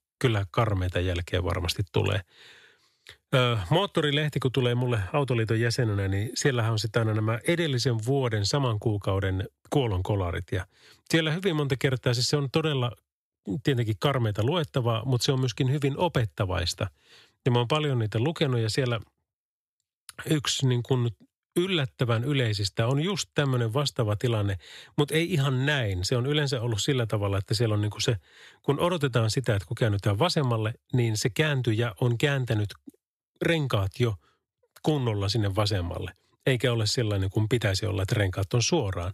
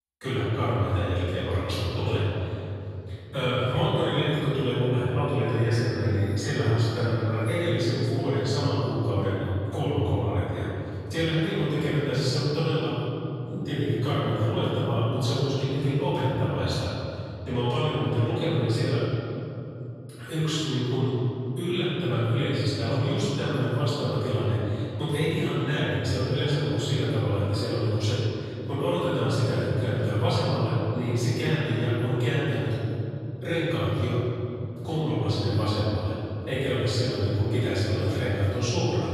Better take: first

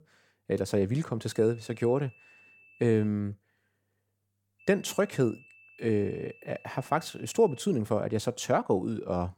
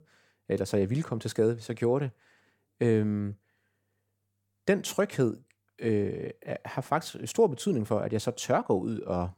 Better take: second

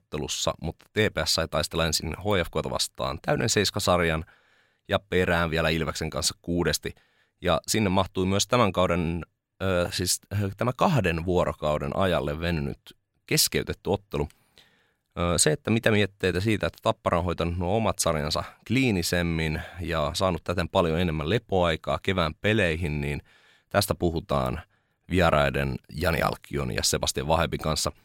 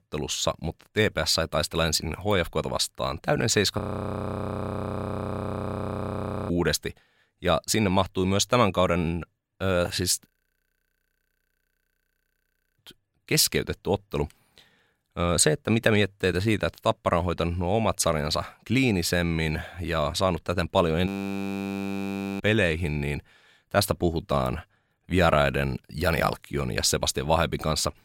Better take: first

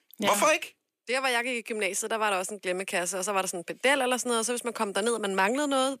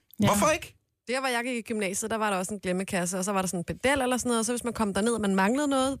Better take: second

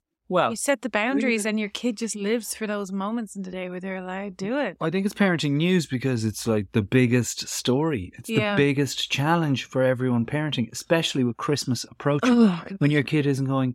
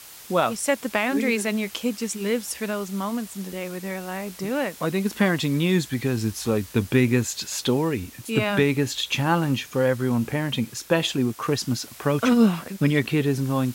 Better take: first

